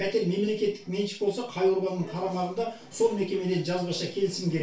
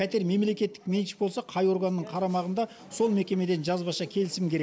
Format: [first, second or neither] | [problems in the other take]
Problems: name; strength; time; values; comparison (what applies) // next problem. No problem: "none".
second | room echo; dies away in 0.3 s